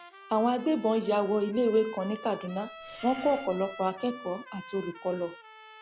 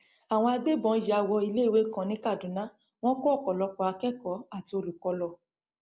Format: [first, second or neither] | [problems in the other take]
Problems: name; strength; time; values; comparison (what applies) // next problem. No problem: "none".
second | background sound (Trumpet + Breathing); 17 dB below the speech